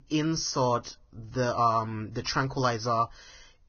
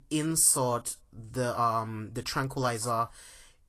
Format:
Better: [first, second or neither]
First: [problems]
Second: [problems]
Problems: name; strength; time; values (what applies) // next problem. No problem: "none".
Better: second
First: garbled, watery; badly; nothing above 6.5 kHz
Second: garbled, watery; slightly; nothing above 12.5 kHz